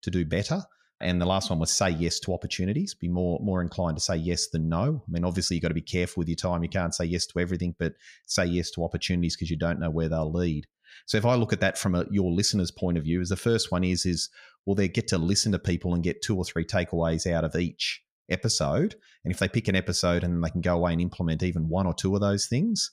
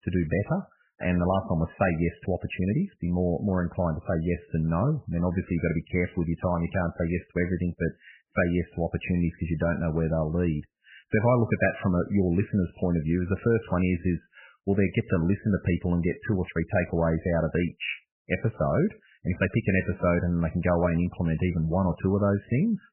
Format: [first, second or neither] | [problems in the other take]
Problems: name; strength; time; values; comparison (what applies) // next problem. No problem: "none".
first | garbled, watery; badly; nothing above 3 kHz